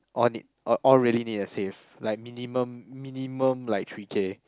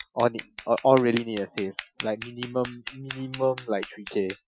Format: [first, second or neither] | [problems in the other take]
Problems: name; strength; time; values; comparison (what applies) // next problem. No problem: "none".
first | noise reduction (classical method Wiener filter)